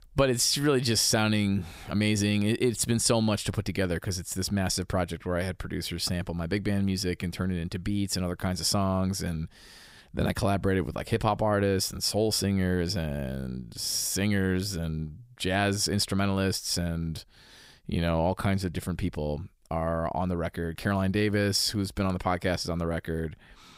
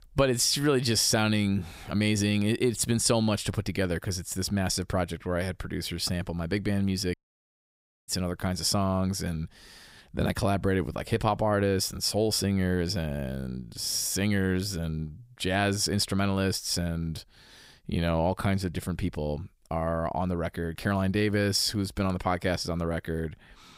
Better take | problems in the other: first | audio cutting out; at 7 s for 1 s

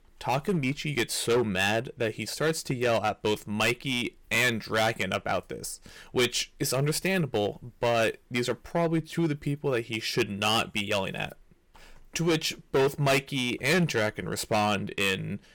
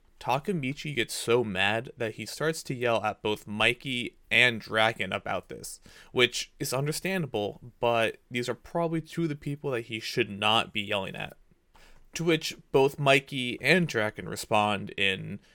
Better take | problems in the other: second | distortion; heavy; 7% of the sound clipped

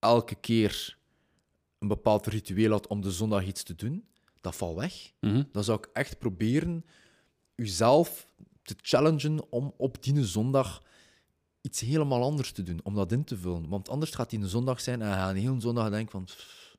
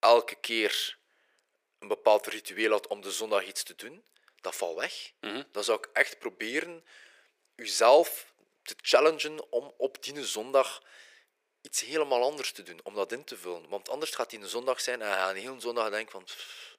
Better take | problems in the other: first | thin; very; fading below 450 Hz

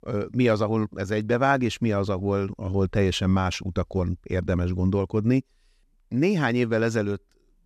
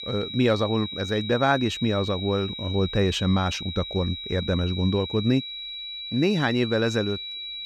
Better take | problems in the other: first | high-pitched whine; loud; throughout; 4 kHz, 8 dB below the speech

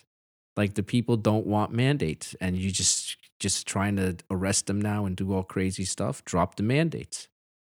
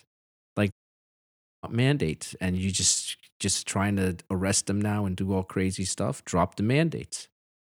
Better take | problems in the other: first | audio cutting out; at 0.5 s for 1 s

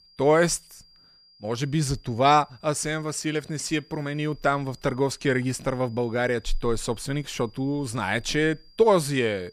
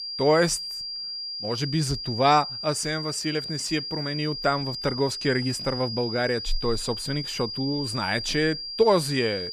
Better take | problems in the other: first | high-pitched whine; loud; throughout; 5 kHz, 5 dB below the speech; faint in the first

